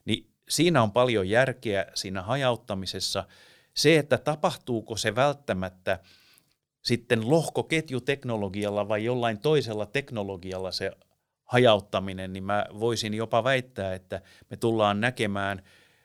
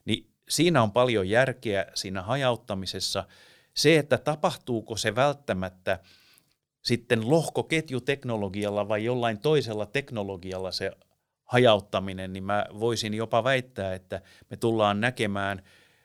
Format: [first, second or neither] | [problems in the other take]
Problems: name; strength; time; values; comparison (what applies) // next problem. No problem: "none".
neither | none